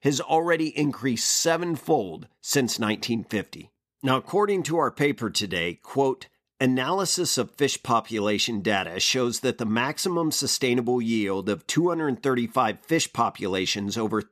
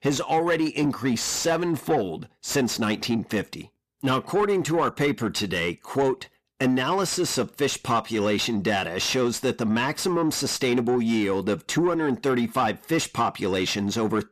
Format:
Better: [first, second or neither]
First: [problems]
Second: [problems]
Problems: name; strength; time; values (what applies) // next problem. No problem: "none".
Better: first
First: none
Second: distortion; slight; 10 dB below the speech